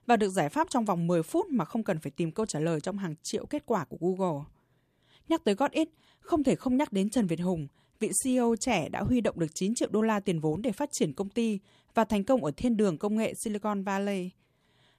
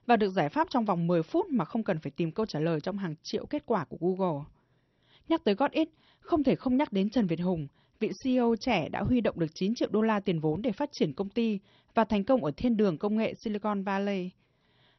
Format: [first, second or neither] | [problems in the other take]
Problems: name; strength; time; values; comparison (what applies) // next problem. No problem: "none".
first | garbled, watery; slightly; nothing above 6 kHz